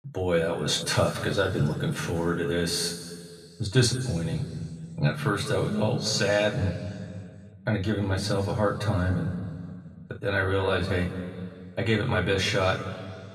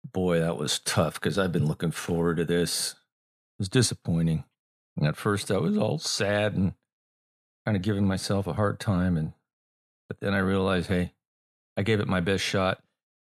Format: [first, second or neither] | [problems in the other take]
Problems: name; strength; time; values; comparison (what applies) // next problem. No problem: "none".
second | room echo; noticeable; dies away in 2.1 s // off-mic speech; somewhat distant